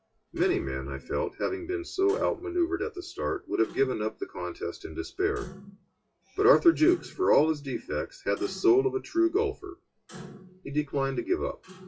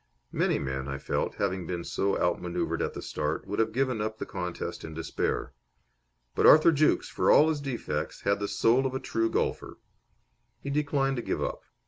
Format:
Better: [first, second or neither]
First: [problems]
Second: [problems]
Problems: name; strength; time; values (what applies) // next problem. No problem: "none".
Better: second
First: noise reduction (classical method WPE with log-MMSE)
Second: none